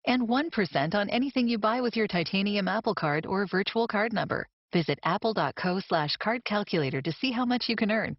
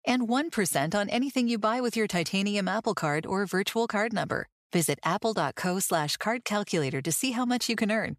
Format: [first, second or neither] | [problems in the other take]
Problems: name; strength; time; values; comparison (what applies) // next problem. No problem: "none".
second | garbled, watery; badly; nothing above 5.5 kHz